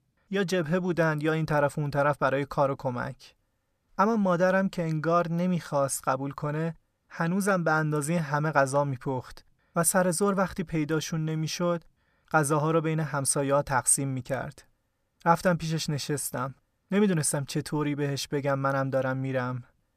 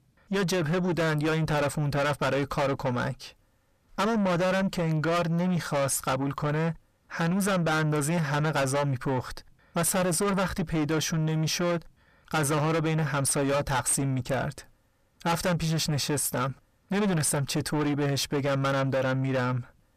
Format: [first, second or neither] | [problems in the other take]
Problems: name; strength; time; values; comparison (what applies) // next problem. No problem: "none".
first | distortion; heavy; 6 dB below the speech